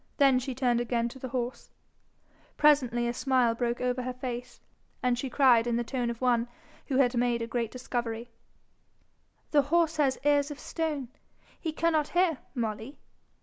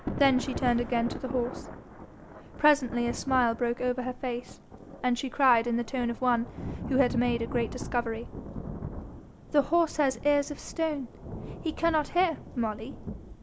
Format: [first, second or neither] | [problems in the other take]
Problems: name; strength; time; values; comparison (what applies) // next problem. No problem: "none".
first | background sound (Thunder / Rain); 10 dB below the speech